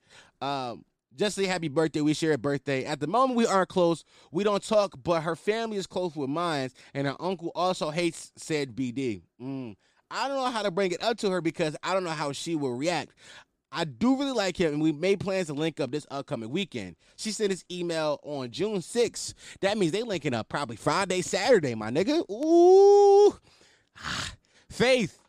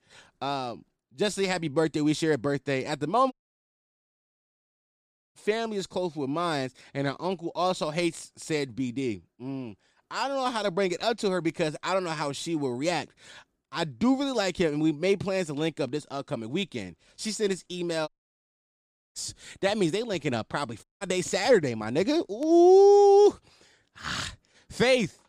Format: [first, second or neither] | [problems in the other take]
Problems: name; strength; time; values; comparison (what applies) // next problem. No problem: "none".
first | audio cutting out; at 3.5 s for 2 s, at 18 s for 1 s and at 21 s